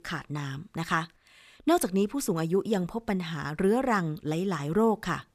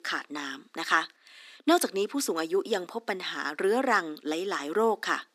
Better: first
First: none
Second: thin; somewhat; fading below 250 Hz

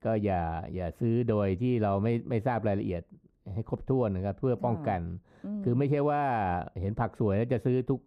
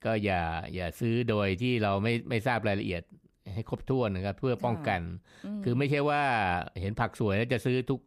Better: second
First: muffled; slightly; fading above 1.5 kHz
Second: none

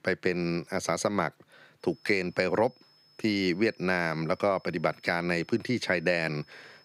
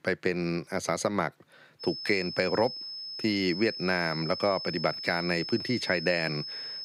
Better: first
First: high-pitched whine; faint; from 2 s on; 5 kHz, 30 dB below the speech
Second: high-pitched whine; loud; from 2 s on; 5 kHz, 7 dB below the speech

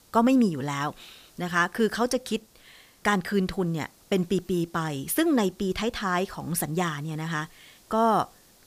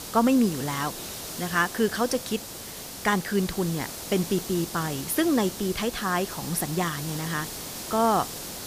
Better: first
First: hiss; faint; throughout; 30 dB below the speech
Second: hiss; loud; throughout; 8 dB below the speech

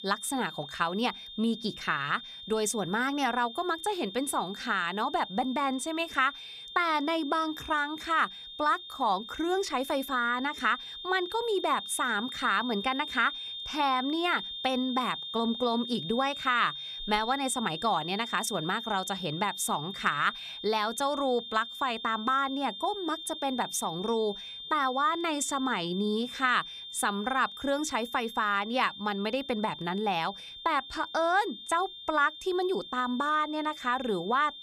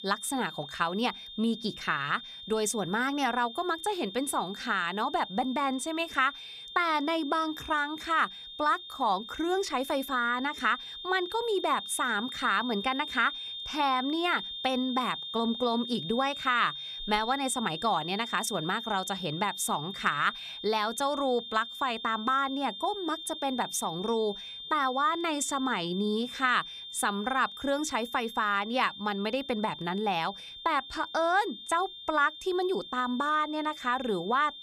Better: neither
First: high-pitched whine; loud; throughout; 3.5 kHz, 9 dB below the speech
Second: high-pitched whine; loud; throughout; 3.5 kHz, 9 dB below the speech

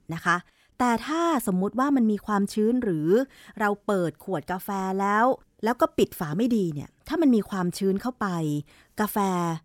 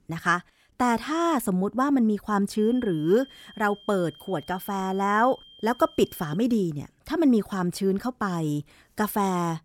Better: first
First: none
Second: high-pitched whine; faint; from 2.5 to 6.5 s; 3 kHz, 25 dB below the speech

